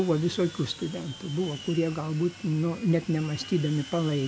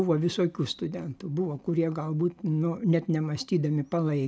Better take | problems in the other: second | background sound (Sawing); 16 dB below the speech

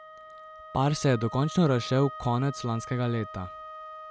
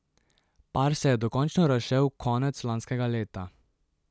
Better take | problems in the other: second | background sound (Wind instrument, woodwind instrument); 14 dB below the speech

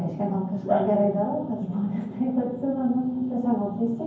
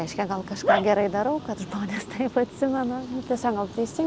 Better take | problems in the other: second | room echo; dies away in 0.9 s

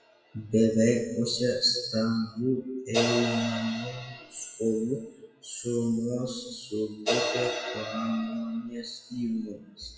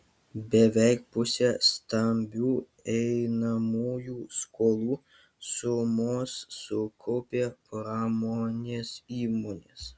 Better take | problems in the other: second | noise reduction (classical method WPE with log-MMSE)

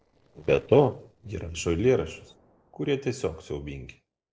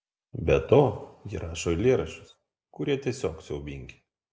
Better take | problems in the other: second | noise reduction (neural separator model SepFormer DNS4)

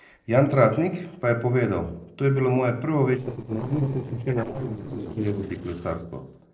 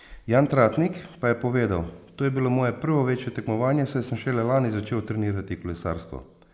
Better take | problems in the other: second | noise reduction (neural separator model SepFormer DNS4)

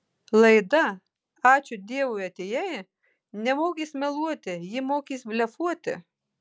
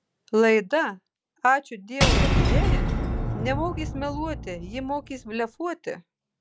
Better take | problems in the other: first | background sound (Shatter / Boom); 3 dB above the speech

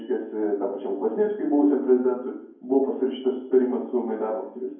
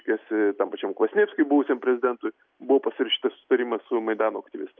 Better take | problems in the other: second | room echo; dies away in 0.9 s

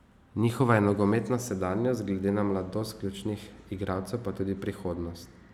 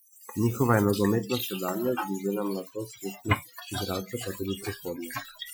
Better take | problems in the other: first | noise reduction (classical method Wiener filter)

